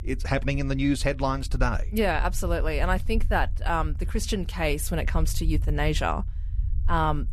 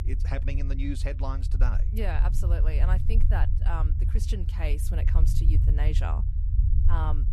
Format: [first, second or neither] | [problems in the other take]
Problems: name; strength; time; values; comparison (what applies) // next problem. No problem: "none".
first | low rumble; loud; throughout; 7 dB below the speech; faint in the first